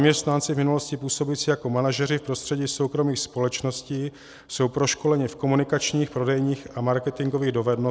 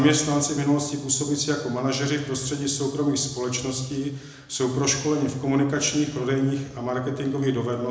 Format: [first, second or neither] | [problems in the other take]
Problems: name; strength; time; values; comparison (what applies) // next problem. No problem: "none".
first | room echo; dies away in 0.8 s